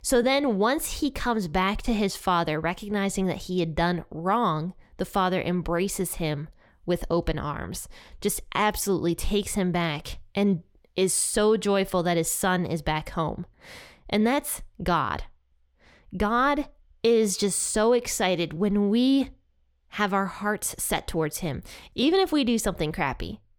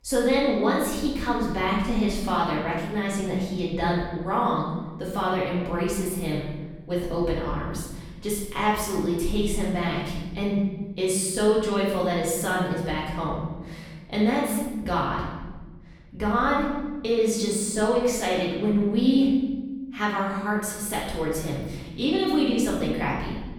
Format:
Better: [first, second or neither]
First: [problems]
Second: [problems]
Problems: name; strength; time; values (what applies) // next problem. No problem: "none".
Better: first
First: none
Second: room echo; noticeable; dies away in 1.2 s // off-mic speech; far